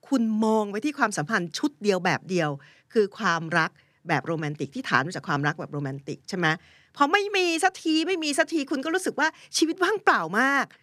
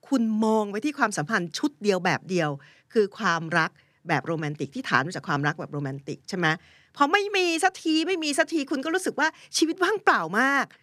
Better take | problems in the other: neither | none

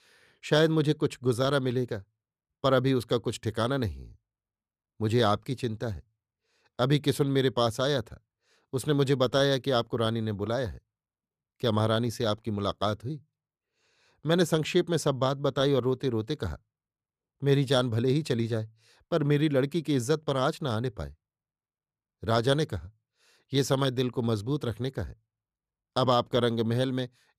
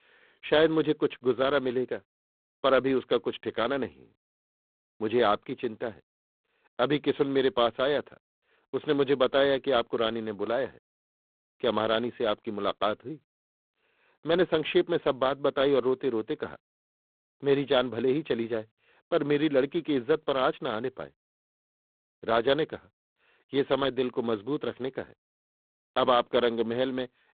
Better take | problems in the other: first | phone-call audio; poor line; nothing above 3.5 kHz

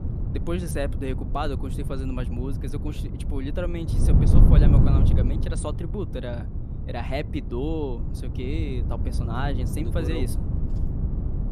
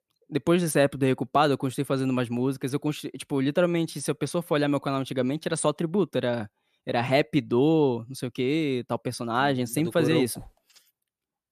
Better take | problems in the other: second | wind noise on the microphone; heavy; 4 dB below the speech

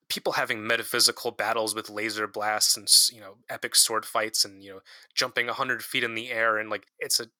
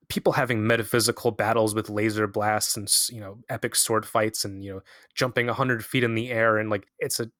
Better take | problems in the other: second | thin; somewhat; fading below 950 Hz

